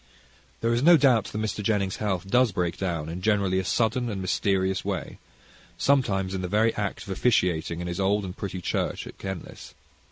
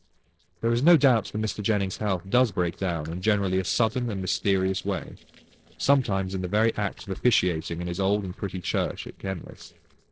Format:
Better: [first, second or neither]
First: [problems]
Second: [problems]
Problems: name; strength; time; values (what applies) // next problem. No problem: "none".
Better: first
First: none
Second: noise reduction (neural separator model SepFormer DNS4)